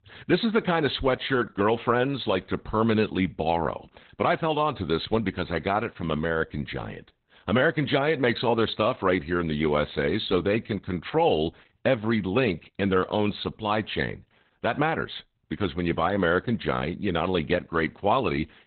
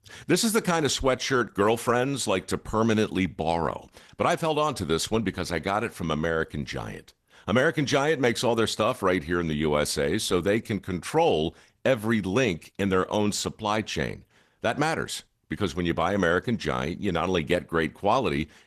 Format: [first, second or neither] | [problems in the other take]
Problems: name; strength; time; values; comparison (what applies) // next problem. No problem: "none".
second | garbled, watery; badly; nothing above 4 kHz; slightly in the second